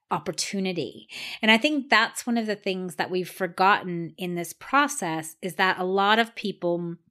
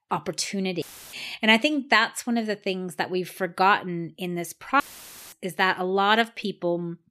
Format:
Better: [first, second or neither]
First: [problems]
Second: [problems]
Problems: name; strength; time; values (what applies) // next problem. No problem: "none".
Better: first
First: none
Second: audio cutting out; filled with static; at 1 s and at 5 s for 0.5 s